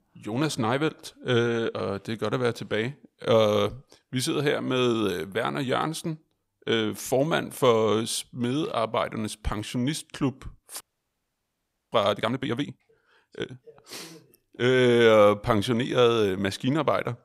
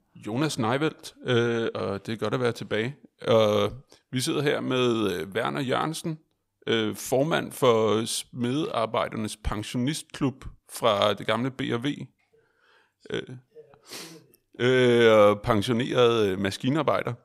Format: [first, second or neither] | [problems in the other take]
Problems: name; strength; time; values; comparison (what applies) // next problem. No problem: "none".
second | audio freezing; at 11 s for 1 s